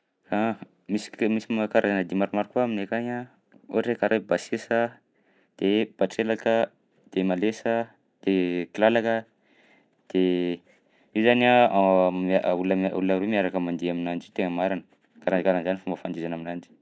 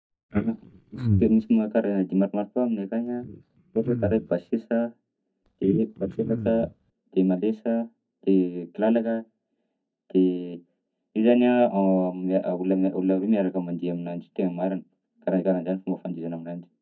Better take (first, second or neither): first